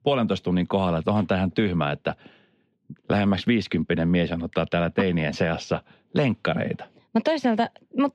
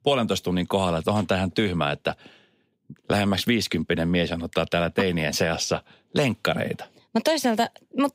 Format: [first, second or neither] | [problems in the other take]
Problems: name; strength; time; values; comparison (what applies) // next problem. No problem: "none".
second | muffled; slightly; fading above 3 kHz